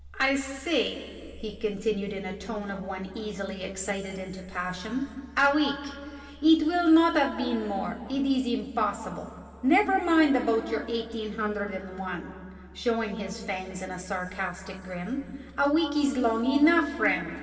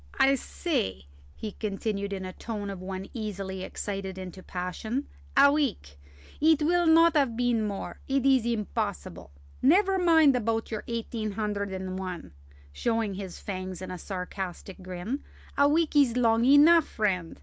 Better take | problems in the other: second | room echo; dies away in 2.7 s

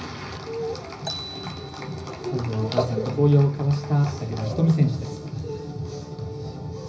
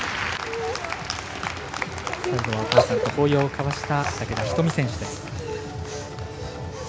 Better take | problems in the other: second | background sound (Marimba, xylophone); 15 dB below the speech // room echo; dies away in 0.5 s

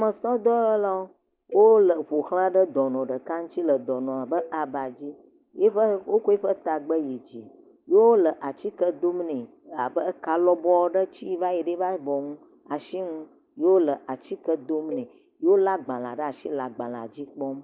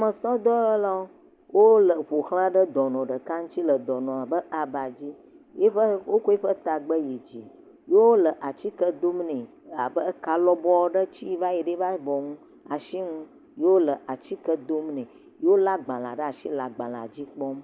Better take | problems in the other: second | noise reduction (neural mask model DeepFilterNet 3)

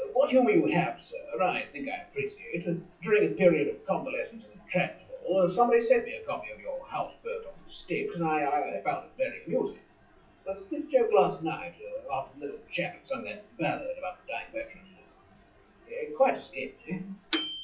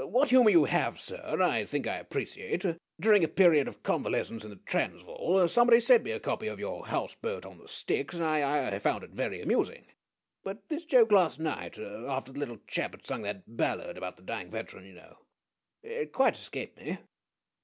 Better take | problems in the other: second | noise reduction (classical method WPE with log-MMSE)

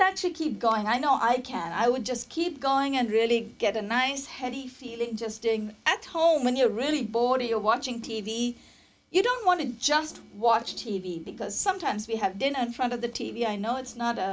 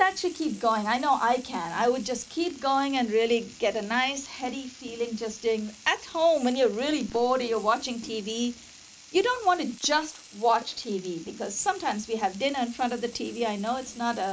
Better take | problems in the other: first | noise reduction (neural mask model Resemble Enhance denoiser)

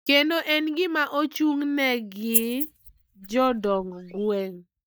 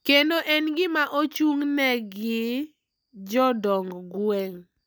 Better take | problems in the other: second | noise reduction (neural mask model DeepFilterNet 3)

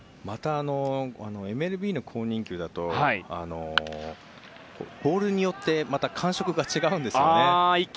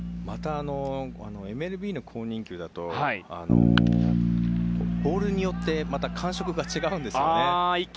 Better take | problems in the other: first | background sound (Bass guitar); 1 dB above the speech

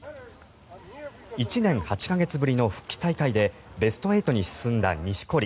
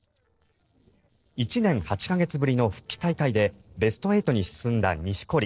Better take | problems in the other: first | noise reduction (neural separator model SepFormer DNS4)

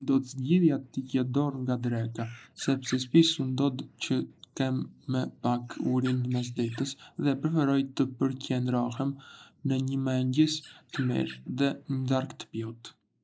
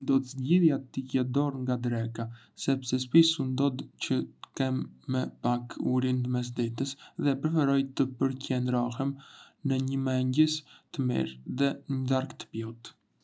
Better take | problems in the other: second | noise reduction (neural mask model Resemble Enhance denoiser)

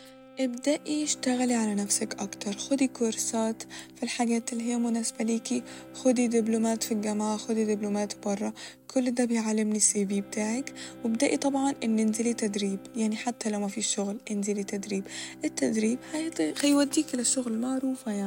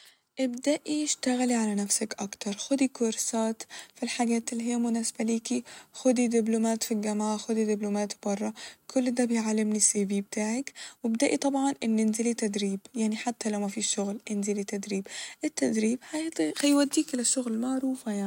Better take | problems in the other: second | background sound (Bowed string instrument + Wind instrument, woodwind instrument); 19 dB below the speech

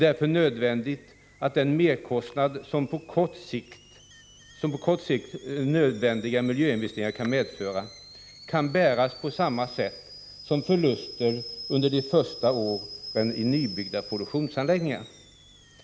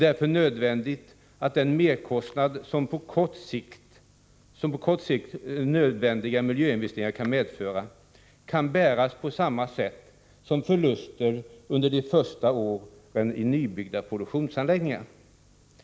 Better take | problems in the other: second | background sound (Boiling / Alarm); 18 dB below the speech

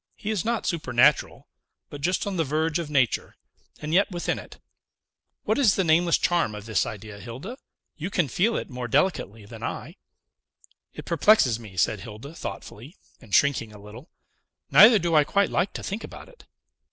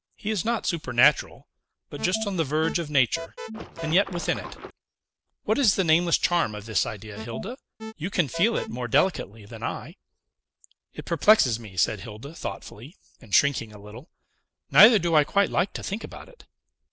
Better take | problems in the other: first | background sound (Water / Splash, splatter + Alarm); 10 dB below the speech

